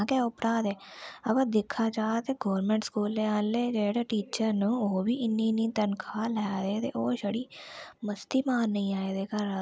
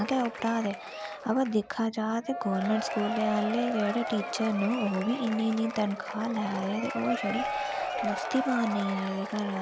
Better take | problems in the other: first | background sound (Applause / Crowd / Cheering); 6 dB below the speech

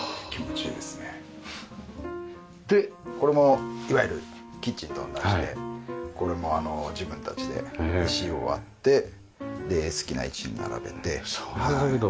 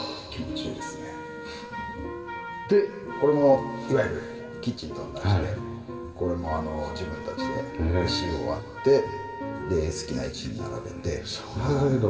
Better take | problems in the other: first | background sound (Wind instrument, woodwind instrument); 13 dB below the speech // room echo; dies away in 1.8 s

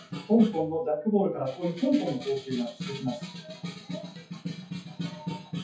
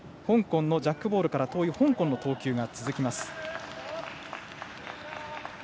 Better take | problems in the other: second | noise reduction (classical method WPE with log-MMSE)

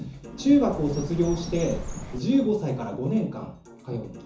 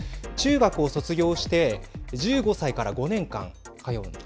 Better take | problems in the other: second | background sound (Bird); 10 dB below the speech // room echo; dies away in 0.9 s

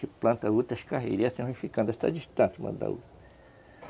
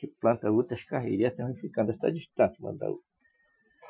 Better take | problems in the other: first | noise reduction (classical method Wiener filter)

